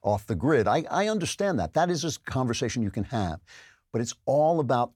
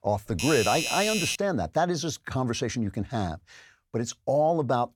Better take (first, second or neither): first